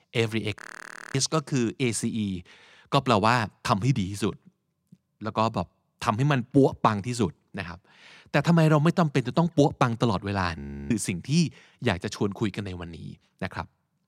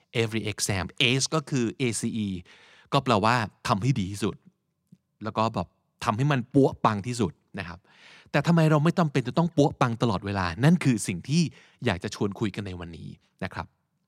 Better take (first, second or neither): second